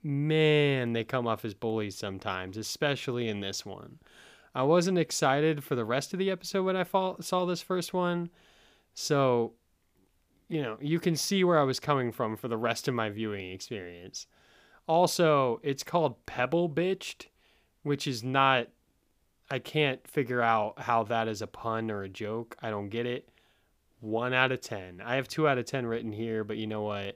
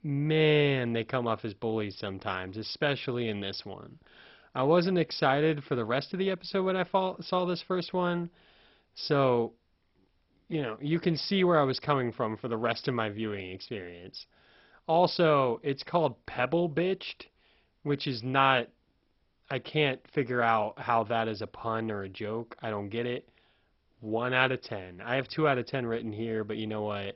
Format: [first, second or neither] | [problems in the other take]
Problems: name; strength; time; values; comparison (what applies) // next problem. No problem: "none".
first | garbled, watery; badly; nothing above 5.5 kHz